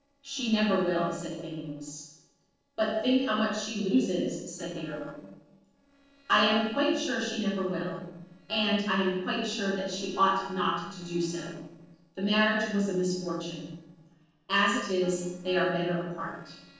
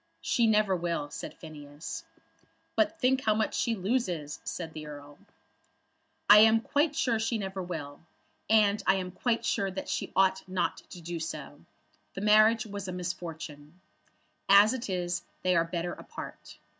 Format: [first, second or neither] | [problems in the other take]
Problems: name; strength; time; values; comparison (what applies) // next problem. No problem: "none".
second | noise reduction (neural separator model SepFormer DNS4)